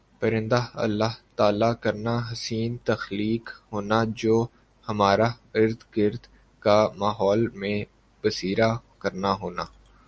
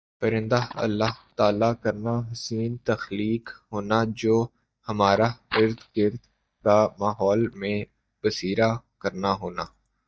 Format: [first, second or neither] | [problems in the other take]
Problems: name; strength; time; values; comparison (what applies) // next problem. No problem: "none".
first | noise reduction (neural mask model DeepFilterNet 3)